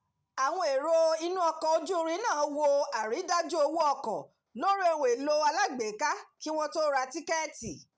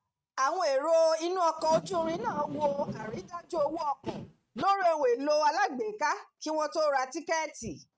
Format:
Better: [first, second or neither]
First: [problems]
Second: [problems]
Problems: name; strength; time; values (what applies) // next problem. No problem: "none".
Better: first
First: none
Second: noise reduction (neural mask model RNNoise)